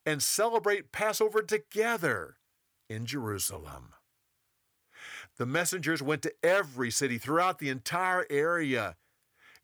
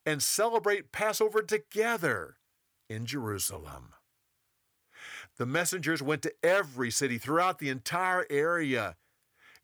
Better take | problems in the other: neither | none

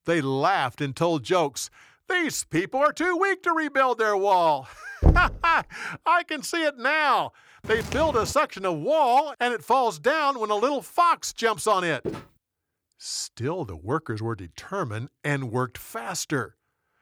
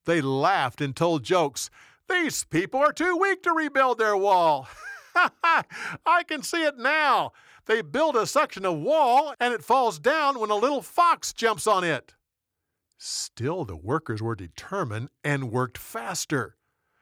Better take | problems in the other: second | door banging; loud; at 5 s; peak 2 dB above the speech // footsteps; noticeable; at 7.5 s; peak 9 dB below the speech // footsteps; faint; at 12 s; peak 10 dB below the speech

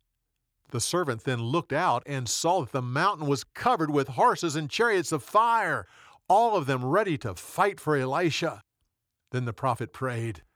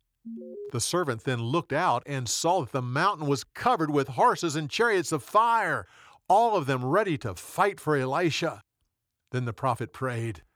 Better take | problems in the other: first | alarm; faint; at 0.5 s; peak 15 dB below the speech

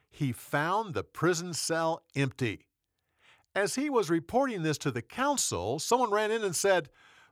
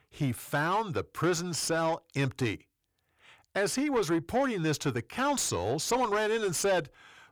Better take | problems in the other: first | distortion; slight; 10 dB below the speech

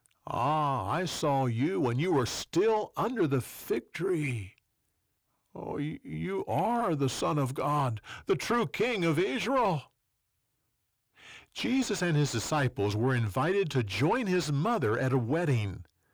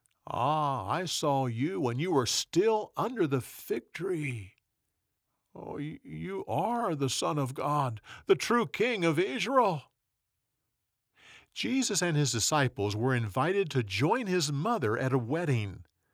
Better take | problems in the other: second | distortion; slight; 10 dB below the speech

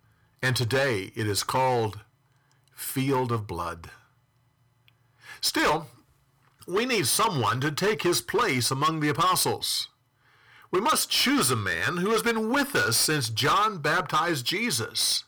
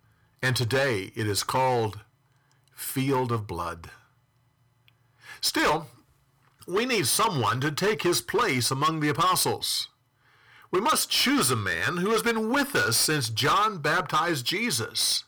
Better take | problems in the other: neither | distortion; heavy; 10% of the sound clipped; the same in both

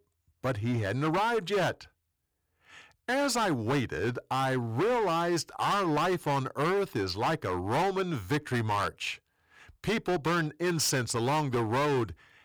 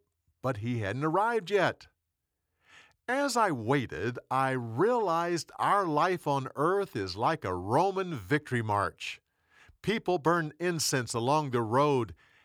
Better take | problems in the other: second | distortion; heavy; 16% of the sound clipped

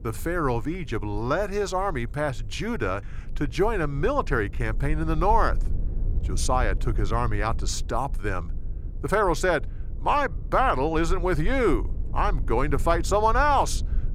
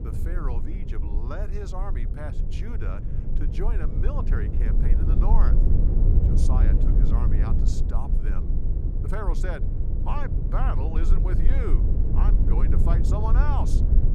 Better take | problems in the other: first | low rumble; loud; throughout; 3 dB below the speech; faint in the first

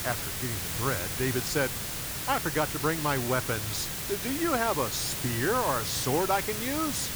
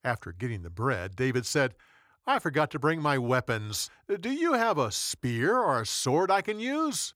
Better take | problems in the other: second | hiss; loud; throughout; 2 dB below the speech

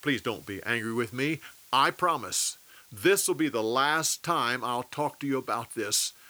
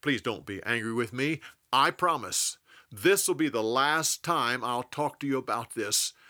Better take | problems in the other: second | hiss; faint; throughout; 25 dB below the speech

